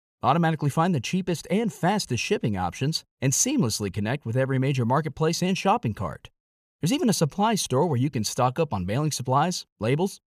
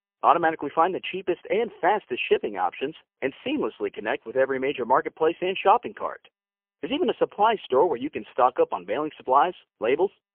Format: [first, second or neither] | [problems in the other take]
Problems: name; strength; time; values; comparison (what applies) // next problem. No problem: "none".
first | phone-call audio; poor line; nothing above 3 kHz